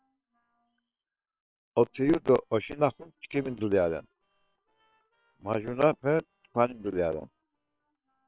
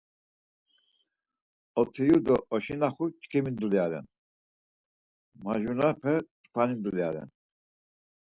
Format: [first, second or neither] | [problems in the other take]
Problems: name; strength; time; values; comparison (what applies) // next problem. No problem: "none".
second | noise reduction (neural separator model SepFormer WHAM!)